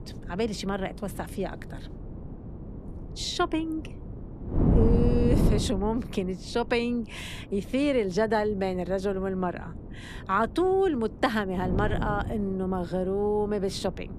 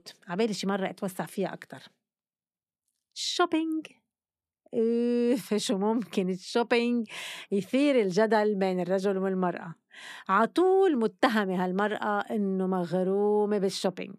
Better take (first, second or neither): second